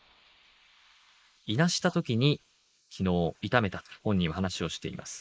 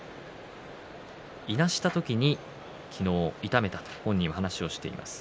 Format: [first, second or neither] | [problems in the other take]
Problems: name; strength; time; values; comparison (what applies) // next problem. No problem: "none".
second | noise reduction (neural mask model Resemble Enhance denoiser)